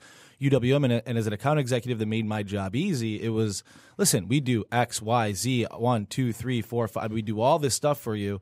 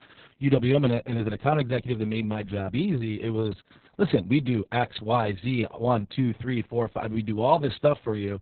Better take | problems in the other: first | garbled, watery; badly; nothing above 4 kHz

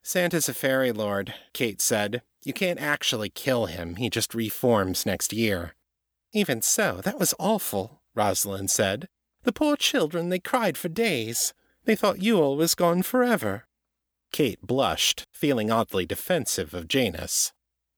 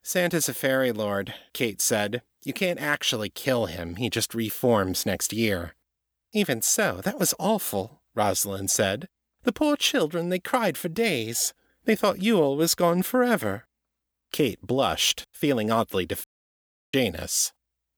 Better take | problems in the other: first | audio cutting out; at 16 s for 0.5 s

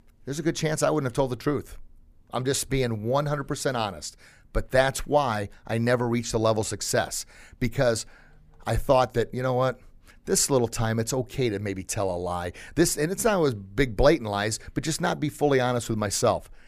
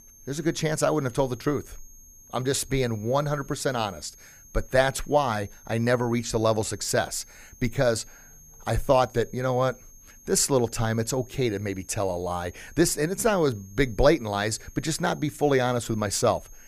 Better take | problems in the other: first | high-pitched whine; faint; throughout; 6.5 kHz, 25 dB below the speech

